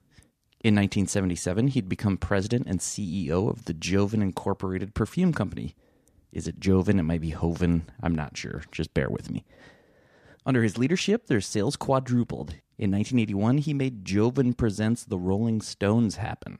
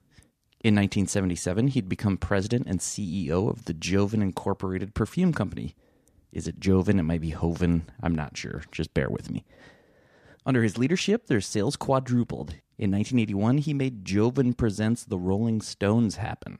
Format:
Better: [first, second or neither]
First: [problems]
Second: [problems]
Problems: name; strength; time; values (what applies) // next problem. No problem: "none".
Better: neither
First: none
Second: none